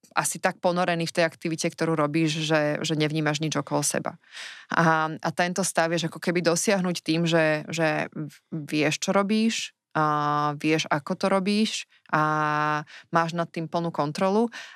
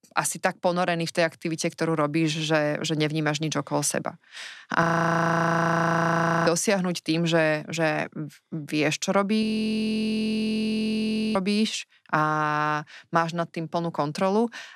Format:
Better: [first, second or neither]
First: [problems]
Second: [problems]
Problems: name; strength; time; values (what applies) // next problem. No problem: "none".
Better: first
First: none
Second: audio freezing; at 5 s for 1.5 s and at 9.5 s for 2 s